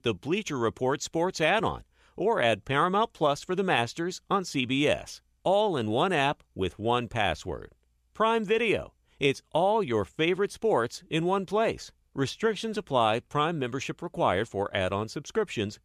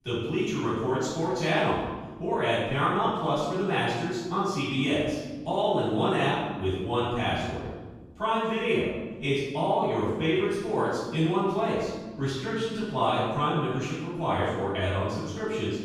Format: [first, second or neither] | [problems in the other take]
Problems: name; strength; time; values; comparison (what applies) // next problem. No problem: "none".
first | off-mic speech; far // room echo; strong; dies away in 1.4 s